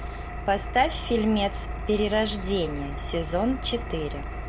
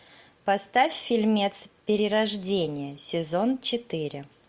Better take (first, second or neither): second